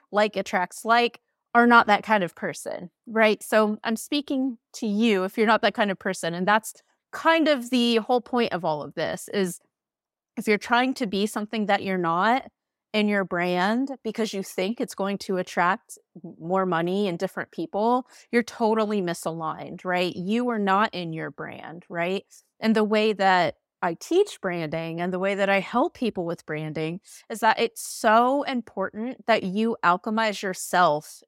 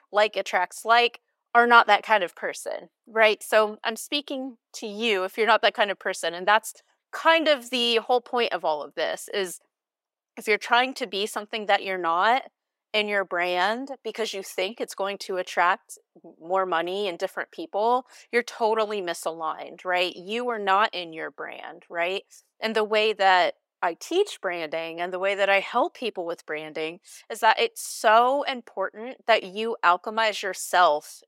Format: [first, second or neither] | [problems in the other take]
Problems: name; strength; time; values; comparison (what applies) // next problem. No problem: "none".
first | thin; somewhat; fading below 500 Hz